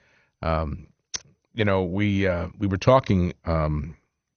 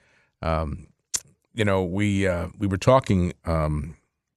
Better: second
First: garbled, watery; slightly; nothing above 6.5 kHz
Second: none

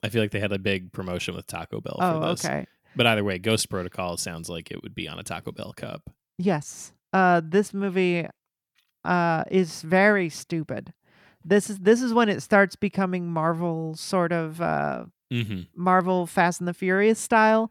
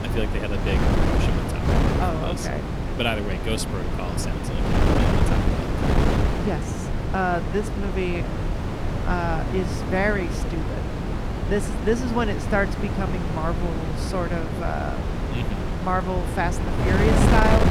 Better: first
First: none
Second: wind noise on the microphone; heavy; 2 dB below the speech

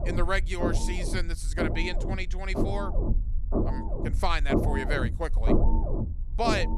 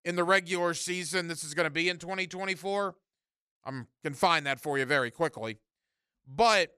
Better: second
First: low rumble; loud; throughout; 4 dB below the speech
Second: none

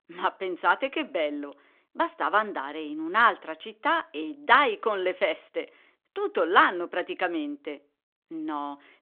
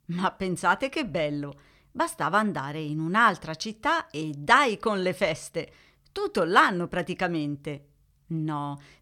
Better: second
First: phone-call audio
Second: none

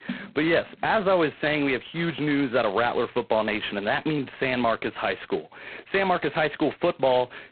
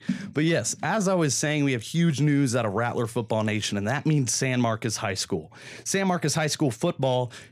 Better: second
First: phone-call audio; poor line; nothing above 4 kHz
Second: none

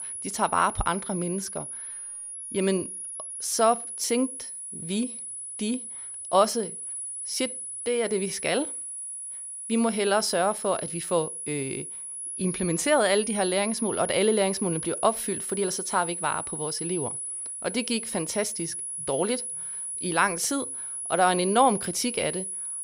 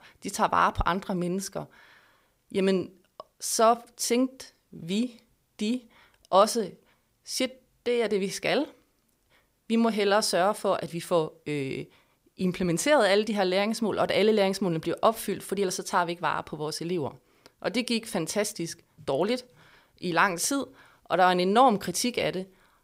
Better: second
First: high-pitched whine; loud; throughout; 10.5 kHz, 5 dB below the speech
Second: none

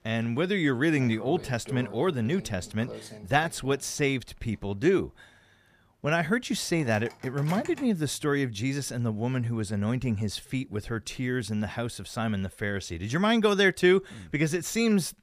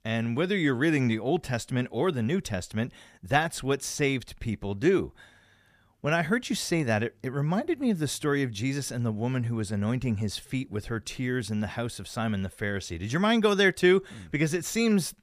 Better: second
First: household noises; noticeable; throughout; 15 dB below the speech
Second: none

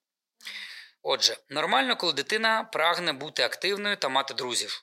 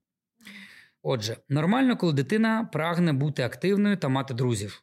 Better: second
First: thin; very; fading below 700 Hz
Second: none

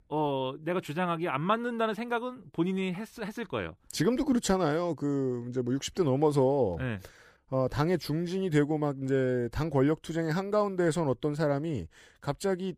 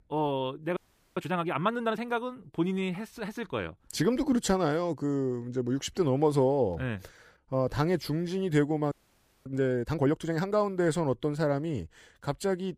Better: first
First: none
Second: audio freezing; at 1 s and at 9 s for 0.5 s

